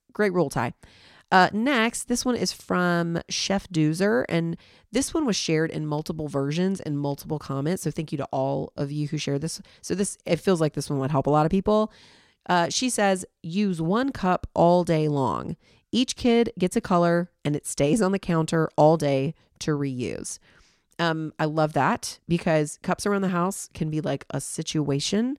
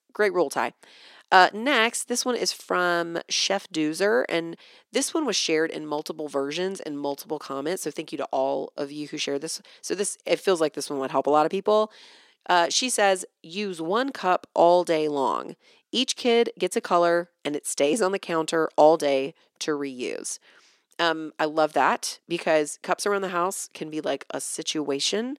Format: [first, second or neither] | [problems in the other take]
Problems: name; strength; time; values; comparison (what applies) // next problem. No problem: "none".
first | thin; somewhat; fading below 300 Hz